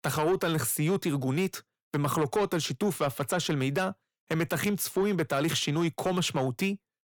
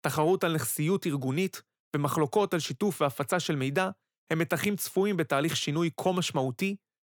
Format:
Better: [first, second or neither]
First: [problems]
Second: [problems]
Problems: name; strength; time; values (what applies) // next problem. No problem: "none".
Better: second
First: distortion; slight; 10 dB below the speech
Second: none